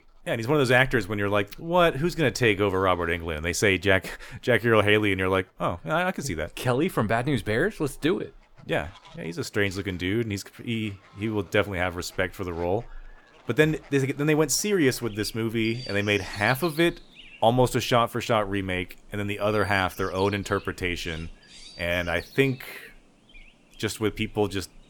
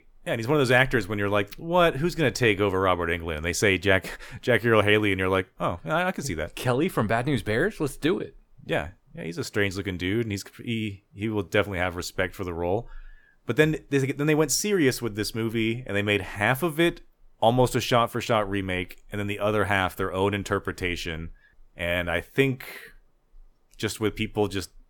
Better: second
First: animal sounds; faint; throughout; 20 dB below the speech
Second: none

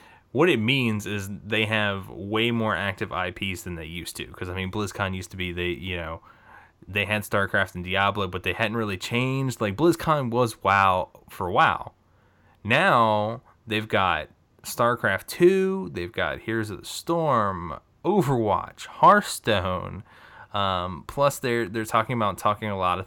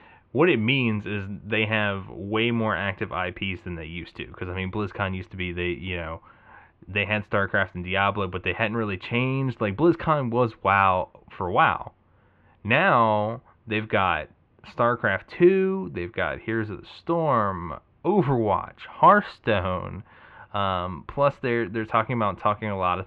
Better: first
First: none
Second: muffled; very; fading above 3 kHz

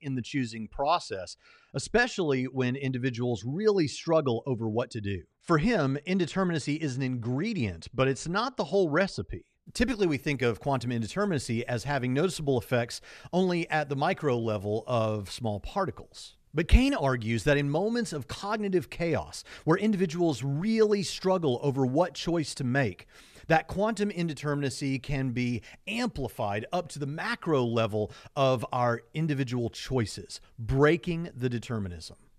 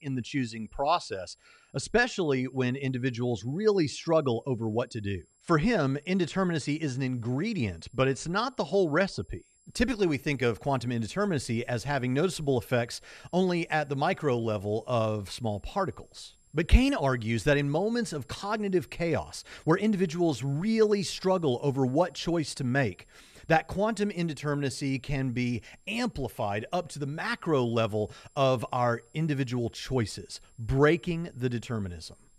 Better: first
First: none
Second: high-pitched whine; faint; throughout; 7.5 kHz, 35 dB below the speech

